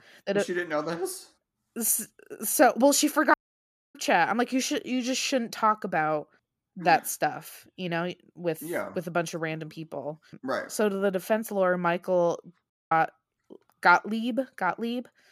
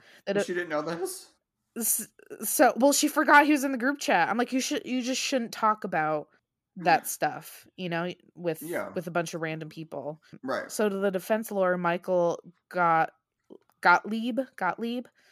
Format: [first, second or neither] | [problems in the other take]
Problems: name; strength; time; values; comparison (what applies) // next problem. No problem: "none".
second | audio cutting out; at 3.5 s for 0.5 s and at 13 s